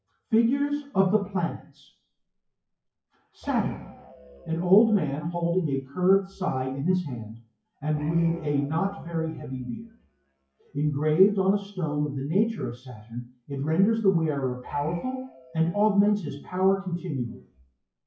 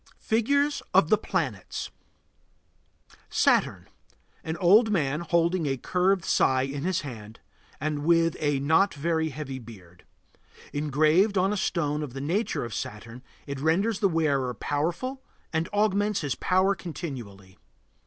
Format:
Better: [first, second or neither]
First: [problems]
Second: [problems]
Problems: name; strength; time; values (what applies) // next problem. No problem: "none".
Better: second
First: noise reduction (classical method WPE with log-MMSE)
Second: none